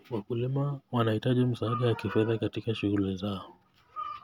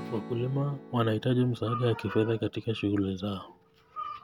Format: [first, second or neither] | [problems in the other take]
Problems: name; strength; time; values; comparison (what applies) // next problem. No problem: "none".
first | background sound (Strum); 18 dB below the speech